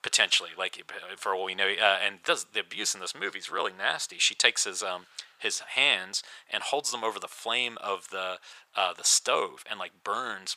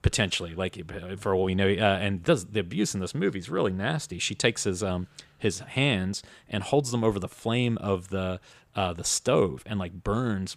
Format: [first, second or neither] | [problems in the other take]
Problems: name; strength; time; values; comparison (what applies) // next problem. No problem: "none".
second | thin; very; fading below 950 Hz